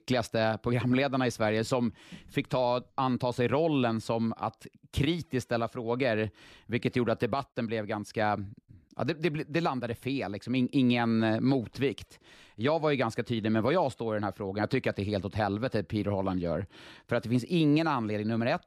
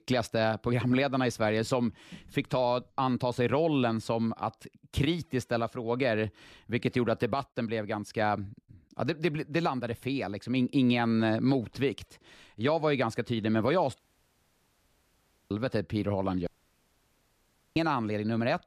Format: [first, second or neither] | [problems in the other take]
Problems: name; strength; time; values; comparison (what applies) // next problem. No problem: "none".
first | audio cutting out; at 14 s for 1.5 s and at 16 s for 1.5 s